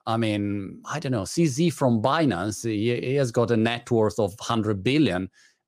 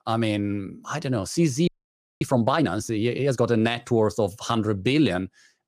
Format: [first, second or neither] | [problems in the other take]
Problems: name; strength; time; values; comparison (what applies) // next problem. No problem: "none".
first | audio freezing; at 1.5 s for 0.5 s